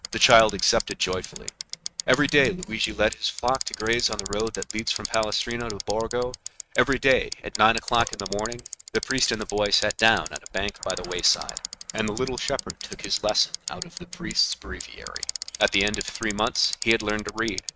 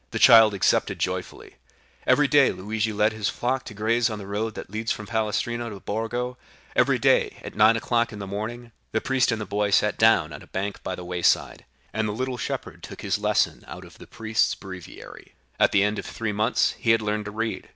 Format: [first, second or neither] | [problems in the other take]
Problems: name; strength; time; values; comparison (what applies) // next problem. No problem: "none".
second | noise reduction (neural mask model RNNoise)